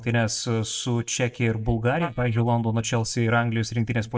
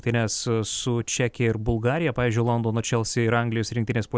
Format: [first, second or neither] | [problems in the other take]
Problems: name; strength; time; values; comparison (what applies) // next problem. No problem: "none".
second | noise reduction (neural mask model DeepFilterNet 3)